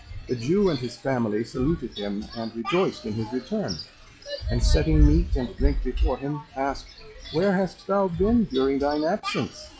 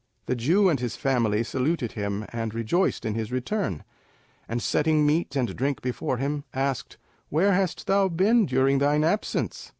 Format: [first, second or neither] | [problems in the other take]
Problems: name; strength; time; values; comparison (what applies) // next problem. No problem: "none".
second | noise reduction (classical method log-MMSE)